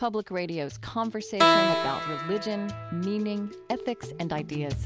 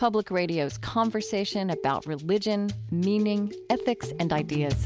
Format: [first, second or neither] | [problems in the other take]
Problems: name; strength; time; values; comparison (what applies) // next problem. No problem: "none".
second | background sound (Keyboard (musical)); 2 dB above the speech